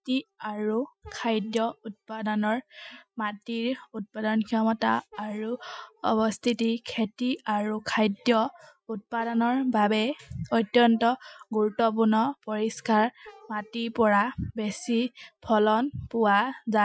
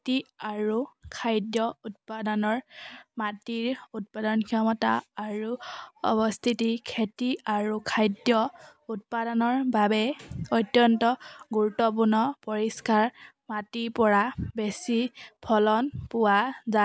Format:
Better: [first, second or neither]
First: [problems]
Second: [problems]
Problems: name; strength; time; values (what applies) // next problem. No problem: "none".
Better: second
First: noise reduction (classical method Wiener filter)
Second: none